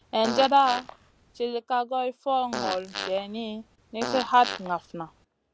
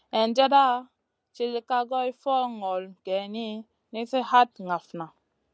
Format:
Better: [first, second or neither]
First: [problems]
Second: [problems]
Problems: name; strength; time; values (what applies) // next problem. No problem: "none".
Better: second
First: background sound (Fart); 10 dB below the speech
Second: none